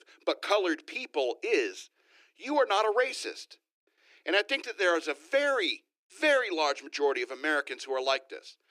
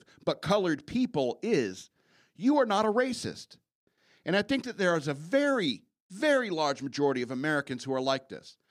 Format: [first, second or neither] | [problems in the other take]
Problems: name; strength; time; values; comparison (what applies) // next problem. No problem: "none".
second | thin; very; fading below 300 Hz